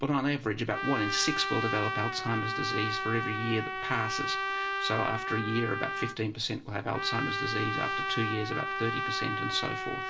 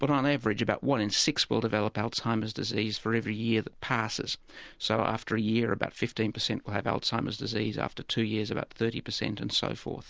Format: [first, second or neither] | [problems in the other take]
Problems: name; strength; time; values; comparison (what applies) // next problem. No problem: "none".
second | background sound (Trumpet); 1 dB below the speech // room echo; dies away in 0.4 s